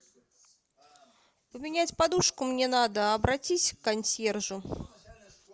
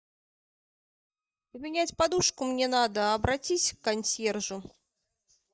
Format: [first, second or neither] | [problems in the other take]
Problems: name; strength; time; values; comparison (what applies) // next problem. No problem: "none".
first | noise reduction (neural mask model DeepFilterNet 3)